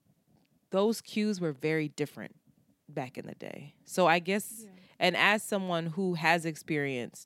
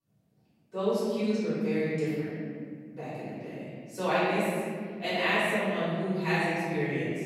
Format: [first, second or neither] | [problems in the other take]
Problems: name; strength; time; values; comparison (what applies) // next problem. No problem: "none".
first | off-mic speech; far // room echo; strong; dies away in 2.4 s